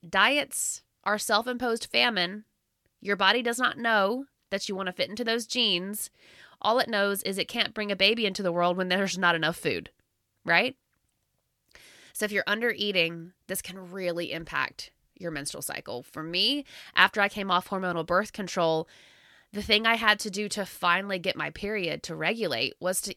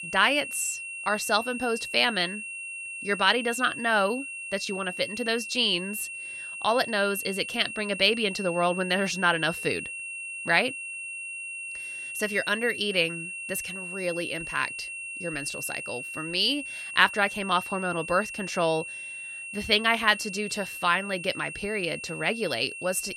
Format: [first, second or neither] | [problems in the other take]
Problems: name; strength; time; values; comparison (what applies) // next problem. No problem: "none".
first | high-pitched whine; loud; throughout; 2.5 kHz, 8 dB below the speech